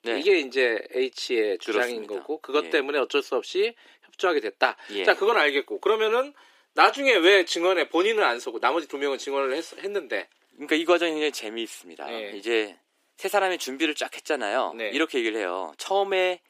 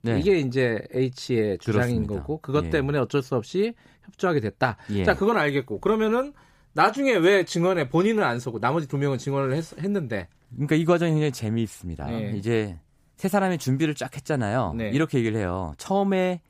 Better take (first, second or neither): second